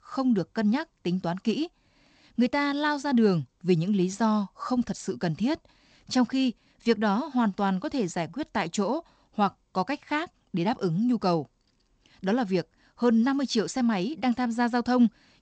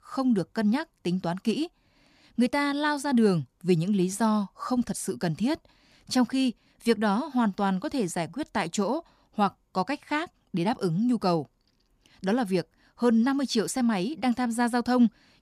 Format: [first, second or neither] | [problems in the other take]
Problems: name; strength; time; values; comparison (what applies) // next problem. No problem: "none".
second | garbled, watery; slightly; nothing above 8 kHz